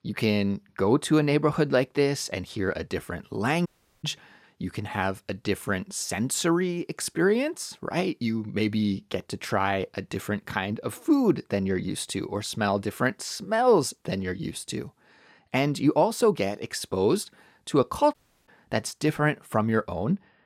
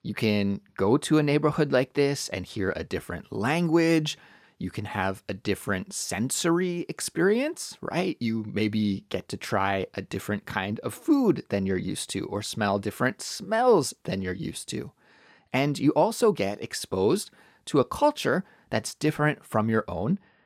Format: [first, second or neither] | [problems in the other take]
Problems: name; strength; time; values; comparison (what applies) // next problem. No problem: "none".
second | audio cutting out; at 3.5 s and at 18 s